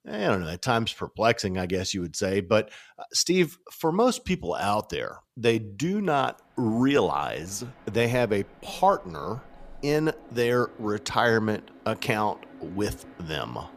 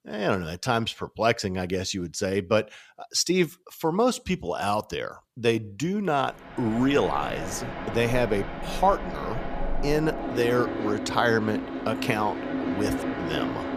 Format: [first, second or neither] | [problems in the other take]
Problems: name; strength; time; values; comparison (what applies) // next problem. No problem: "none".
first | train or aircraft noise; loud; from 6.5 s on; 6 dB below the speech; faint in the first